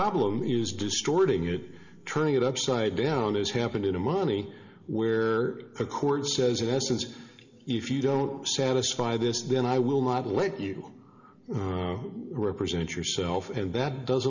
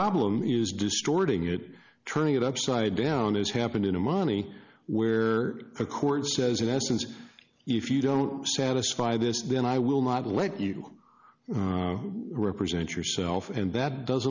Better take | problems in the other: second | room echo; dies away in 1.7 s

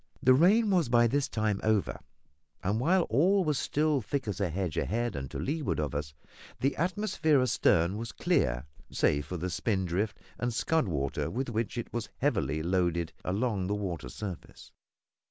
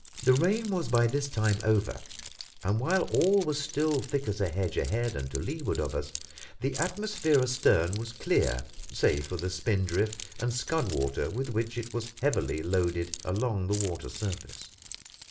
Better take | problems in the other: first | background sound (Keys jangling); 15 dB below the speech // room echo; dies away in 0.4 s

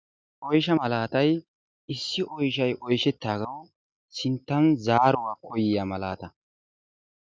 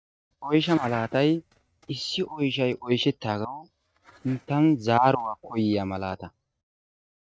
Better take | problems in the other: first | noise reduction (neural mask model RNNoise)

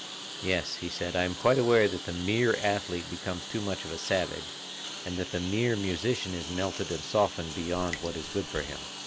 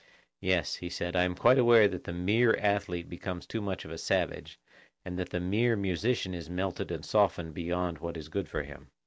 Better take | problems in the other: second | background sound (Raindrop + Engine); 9 dB below the speech

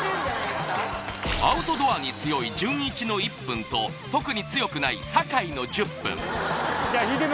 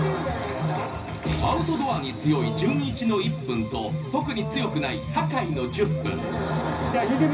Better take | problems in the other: first | background sound (Brass instrument); 13 dB below the speech // room echo; dies away in 0.4 s

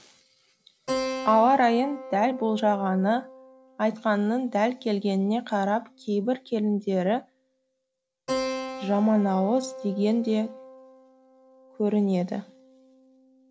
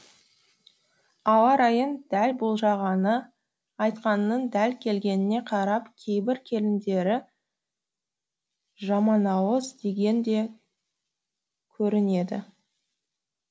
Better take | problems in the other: second | background sound (Keyboard (musical)); 12 dB below the speech

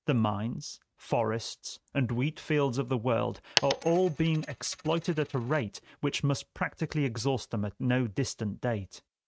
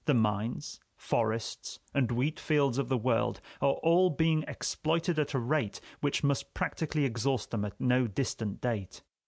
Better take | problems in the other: second | noise reduction (neural mask model RNNoise)

